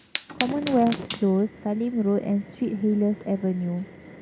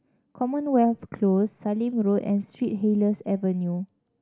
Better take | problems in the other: second | background sound (Fire); 13 dB below the speech

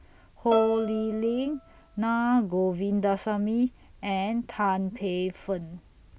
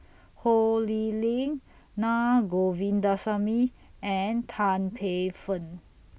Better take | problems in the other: second | background sound (Bowed string instrument); 10 dB below the speech

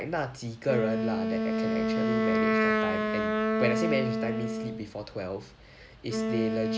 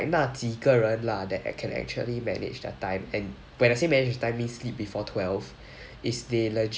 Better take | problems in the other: second | background sound (Wind instrument, woodwind instrument); 5 dB above the speech

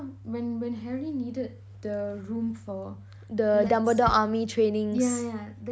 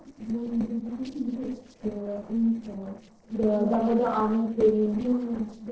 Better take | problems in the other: first | noise reduction (neural separator model SepFormer DNS4)

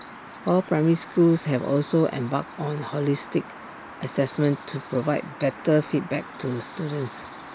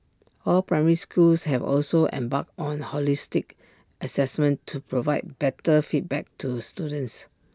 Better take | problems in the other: second | background sound (Chirp, tweet); 16 dB below the speech

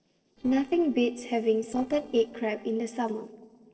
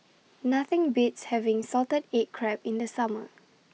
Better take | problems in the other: second | noise reduction (neural separator model SepFormer DNS4)

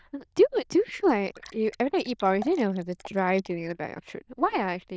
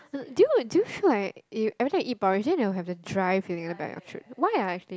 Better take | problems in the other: second | noise reduction (neural diffusion model UNIVERSE++)

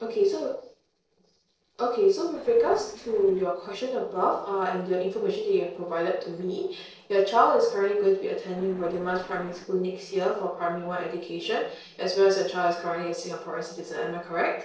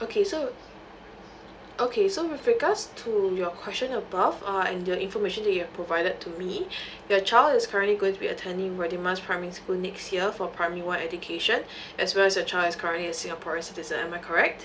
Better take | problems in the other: second | noise reduction (neural separator model SepFormer DNS4)

